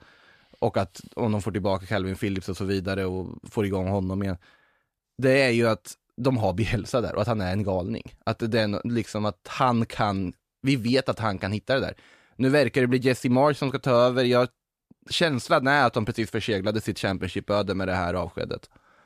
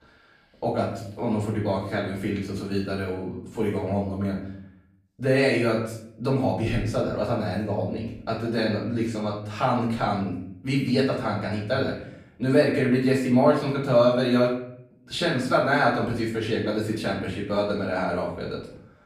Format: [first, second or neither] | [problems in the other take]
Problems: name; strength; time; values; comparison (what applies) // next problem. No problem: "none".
first | room echo; noticeable; dies away in 0.6 s // off-mic speech; far